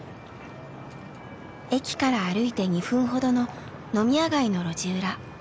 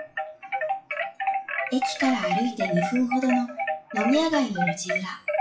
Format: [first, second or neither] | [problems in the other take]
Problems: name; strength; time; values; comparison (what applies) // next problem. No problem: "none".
first | noise reduction (classical method WPE with log-MMSE)